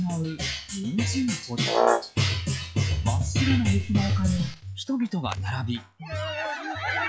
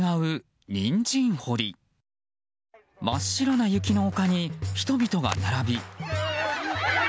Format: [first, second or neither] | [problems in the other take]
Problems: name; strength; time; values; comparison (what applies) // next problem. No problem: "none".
second | noise reduction (classical method log-MMSE)